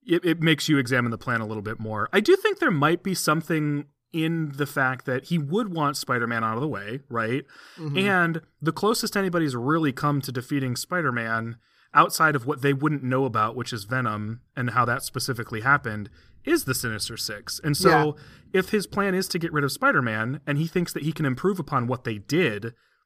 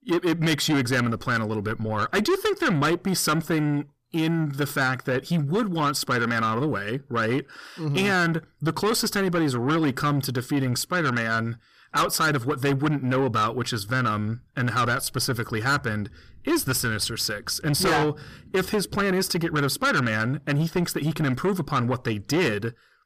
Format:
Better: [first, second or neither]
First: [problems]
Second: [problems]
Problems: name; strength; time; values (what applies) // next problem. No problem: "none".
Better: first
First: none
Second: distortion; heavy; 7 dB below the speech